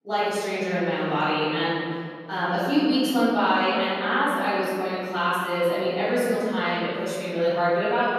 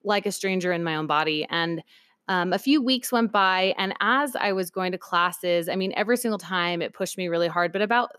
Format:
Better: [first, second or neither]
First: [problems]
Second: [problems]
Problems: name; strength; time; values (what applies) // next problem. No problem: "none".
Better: second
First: off-mic speech; far // room echo; strong; dies away in 2.4 s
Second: none